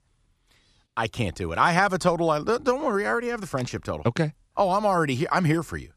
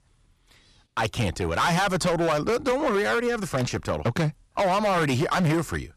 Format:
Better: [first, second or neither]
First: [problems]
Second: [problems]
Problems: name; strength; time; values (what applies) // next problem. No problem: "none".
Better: first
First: none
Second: distortion; heavy; 16% of the sound clipped